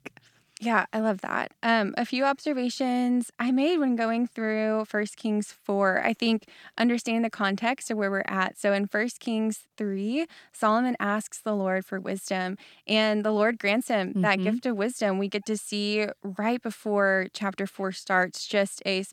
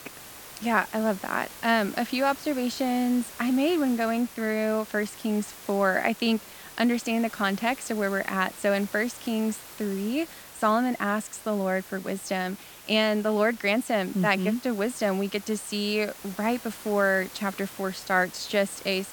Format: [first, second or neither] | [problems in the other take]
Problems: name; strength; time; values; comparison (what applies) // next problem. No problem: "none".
first | hiss; noticeable; throughout; 15 dB below the speech